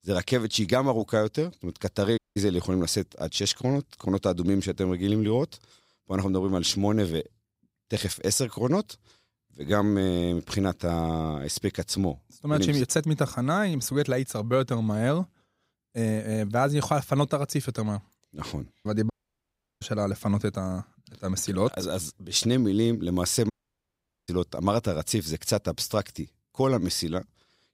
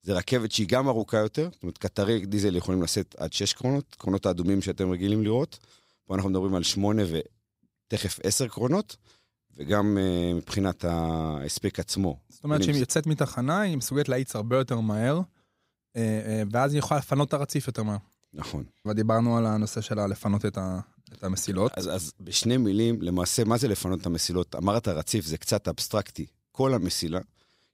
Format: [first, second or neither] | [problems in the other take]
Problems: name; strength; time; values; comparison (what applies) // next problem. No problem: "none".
second | audio cutting out; at 2 s, at 19 s for 0.5 s and at 24 s for 1 s